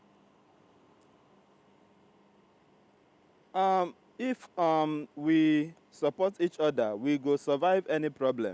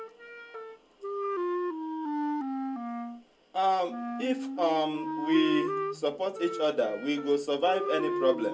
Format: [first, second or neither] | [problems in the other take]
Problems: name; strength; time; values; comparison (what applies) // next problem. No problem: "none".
first | background sound (Wind instrument, woodwind instrument); 4 dB below the speech // room echo; dies away in 0.2 s